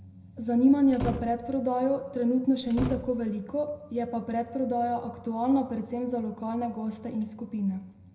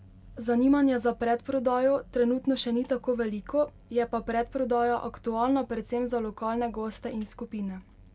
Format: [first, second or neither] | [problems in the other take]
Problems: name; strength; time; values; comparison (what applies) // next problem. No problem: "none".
second | background sound (Slam); 8 dB below the speech // room echo; dies away in 0.7 s